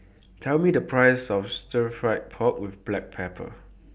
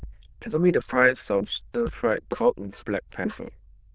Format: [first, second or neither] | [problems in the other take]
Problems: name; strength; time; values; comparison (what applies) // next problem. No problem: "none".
first | noise reduction (neural diffusion model UNIVERSE++)